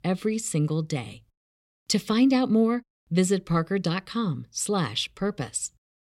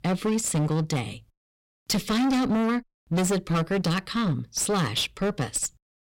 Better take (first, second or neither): first